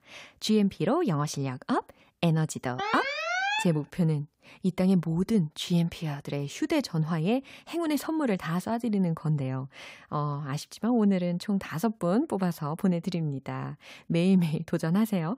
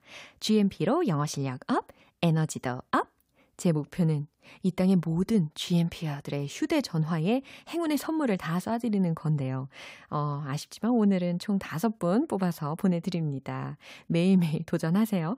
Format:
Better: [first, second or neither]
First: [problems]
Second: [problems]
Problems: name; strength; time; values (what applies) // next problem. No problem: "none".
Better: second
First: alarm; loud; at 3 s; peak 1 dB above the speech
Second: none